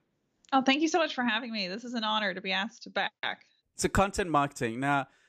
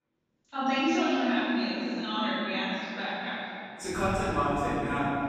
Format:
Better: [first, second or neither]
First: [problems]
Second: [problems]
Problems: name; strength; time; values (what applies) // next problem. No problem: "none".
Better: first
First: none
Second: off-mic speech; far // room echo; strong; dies away in 3 s